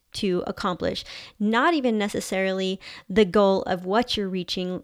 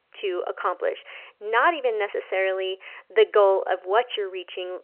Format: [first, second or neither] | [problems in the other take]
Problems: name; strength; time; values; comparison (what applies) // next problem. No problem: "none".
first | phone-call audio; nothing above 3 kHz